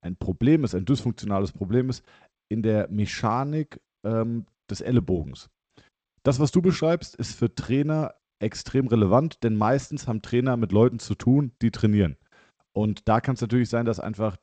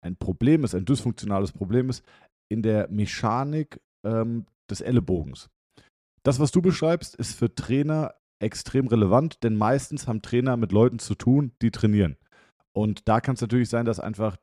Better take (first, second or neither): second